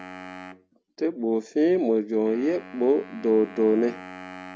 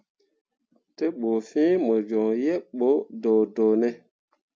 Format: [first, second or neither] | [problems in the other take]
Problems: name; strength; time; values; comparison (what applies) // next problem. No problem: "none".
second | background sound (Wind instrument, woodwind instrument); 18 dB below the speech